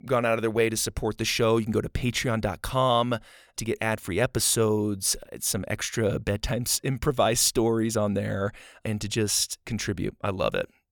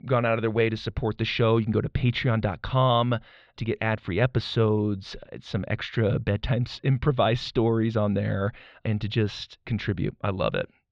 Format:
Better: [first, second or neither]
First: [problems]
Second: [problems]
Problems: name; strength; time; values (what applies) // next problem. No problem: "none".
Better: first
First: none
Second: muffled; slightly; fading above 4 kHz